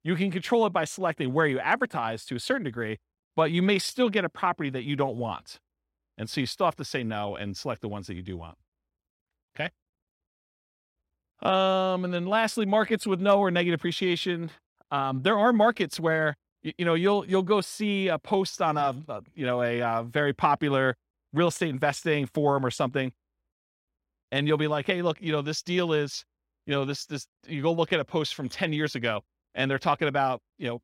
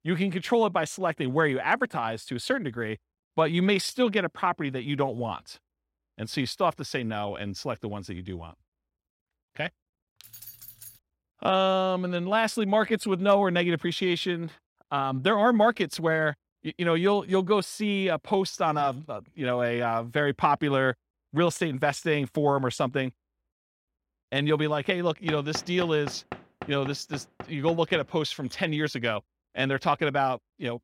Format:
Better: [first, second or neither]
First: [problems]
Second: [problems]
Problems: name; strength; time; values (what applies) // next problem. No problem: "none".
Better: first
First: none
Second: jangling keys; faint; at 10 s; peak 15 dB below the speech // door banging; noticeable; from 25 to 28 s; peak 10 dB below the speech